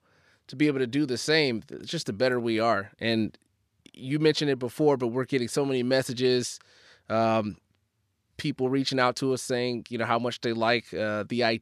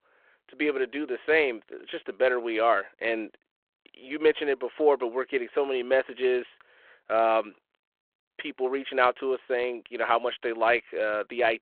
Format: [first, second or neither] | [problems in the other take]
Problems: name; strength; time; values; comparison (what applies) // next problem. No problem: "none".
first | phone-call audio